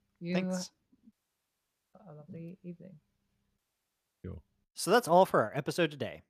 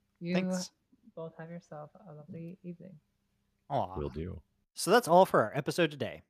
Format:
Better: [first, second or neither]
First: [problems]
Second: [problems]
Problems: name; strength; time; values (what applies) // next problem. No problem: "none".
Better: second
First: audio cutting out; at 1 s for 1 s and at 3.5 s for 0.5 s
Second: none